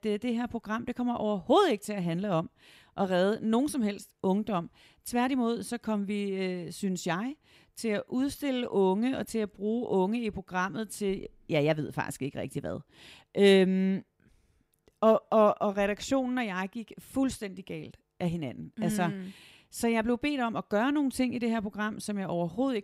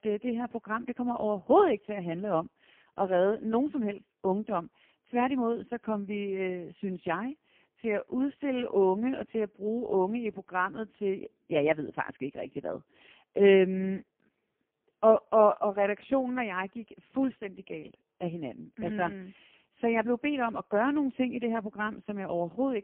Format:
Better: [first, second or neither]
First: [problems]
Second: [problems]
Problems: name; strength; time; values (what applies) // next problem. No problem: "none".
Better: first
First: none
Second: phone-call audio; poor line; nothing above 3 kHz